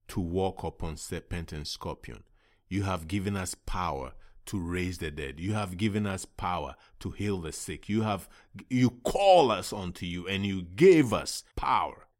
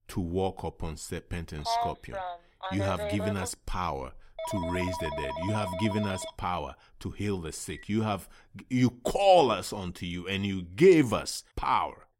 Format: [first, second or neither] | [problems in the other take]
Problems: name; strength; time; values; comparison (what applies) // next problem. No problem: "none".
first | phone ringing; noticeable; from 1.5 to 9.5 s; peak 2 dB below the speech